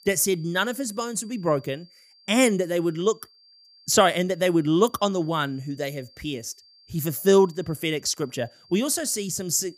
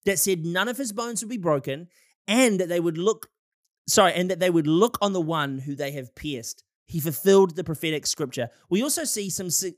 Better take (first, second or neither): second